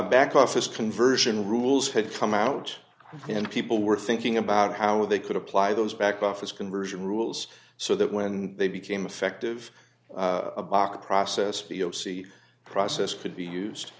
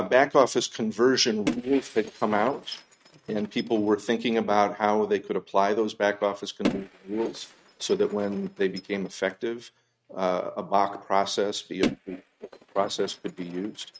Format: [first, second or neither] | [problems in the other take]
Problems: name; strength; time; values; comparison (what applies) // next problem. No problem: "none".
first | noise reduction (neural mask model RNNoise)